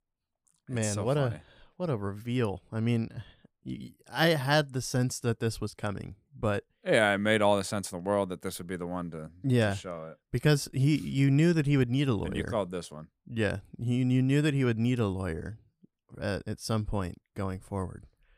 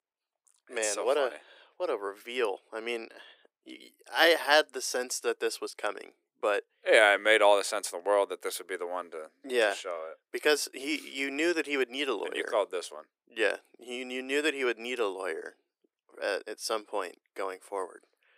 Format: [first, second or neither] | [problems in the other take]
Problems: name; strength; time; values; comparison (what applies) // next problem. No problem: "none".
first | thin; very; fading below 350 Hz